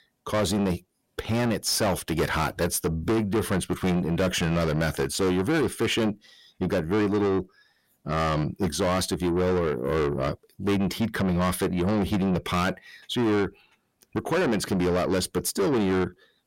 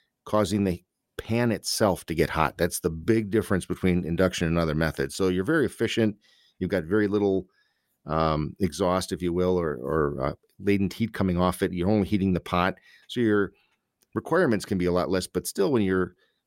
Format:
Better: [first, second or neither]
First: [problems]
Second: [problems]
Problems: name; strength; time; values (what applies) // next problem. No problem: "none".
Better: second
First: distortion; heavy; 6 dB below the speech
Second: none